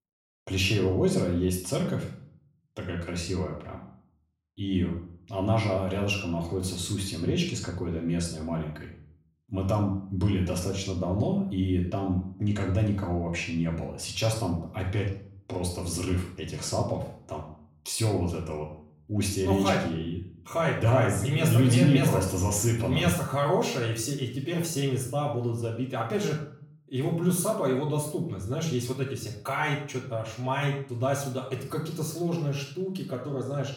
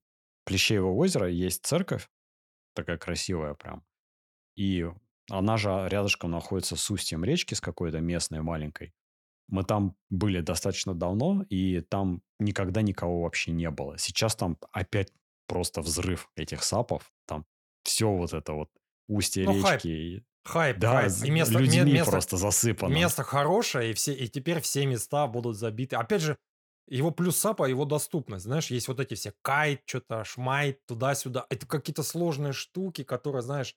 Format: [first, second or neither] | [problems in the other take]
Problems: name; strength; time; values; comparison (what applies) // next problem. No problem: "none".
second | off-mic speech; far // room echo; noticeable; dies away in 0.5 s